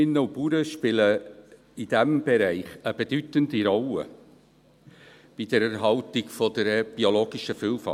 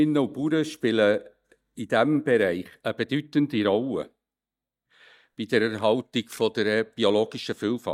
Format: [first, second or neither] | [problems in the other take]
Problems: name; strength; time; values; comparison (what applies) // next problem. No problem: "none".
first | noise reduction (neural mask model DeepFilterNet 3)